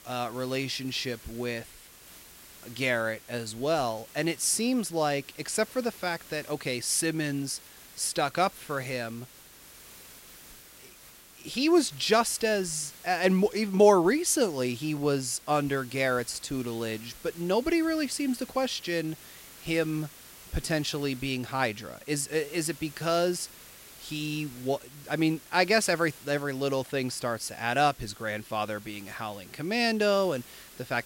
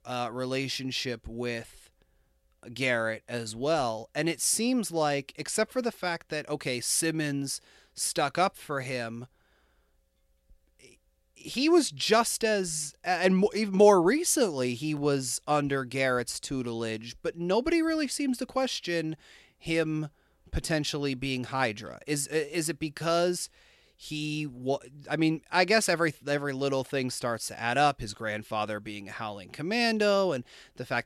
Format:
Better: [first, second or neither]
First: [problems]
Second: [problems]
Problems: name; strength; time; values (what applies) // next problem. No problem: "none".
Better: second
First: hiss; noticeable; throughout; 20 dB below the speech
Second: none